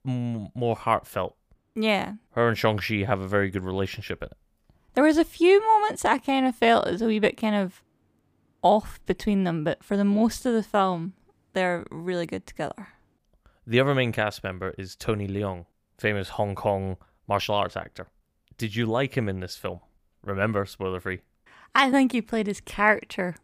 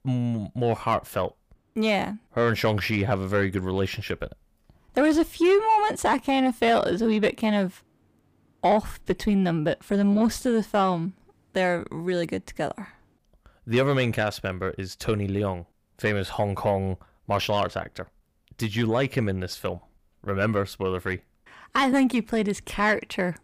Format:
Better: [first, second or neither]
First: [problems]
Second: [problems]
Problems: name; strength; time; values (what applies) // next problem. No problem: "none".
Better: first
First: none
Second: distortion; slight; 10 dB below the speech